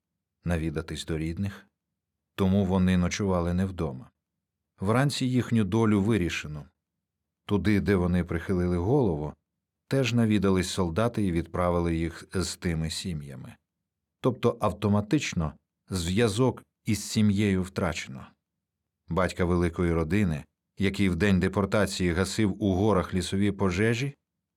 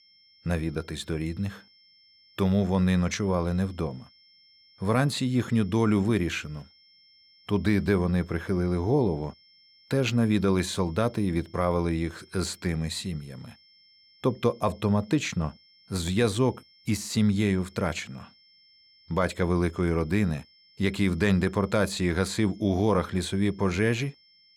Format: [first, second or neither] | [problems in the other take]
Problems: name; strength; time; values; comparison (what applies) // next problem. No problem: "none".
first | high-pitched whine; faint; throughout; 5.5 kHz, 30 dB below the speech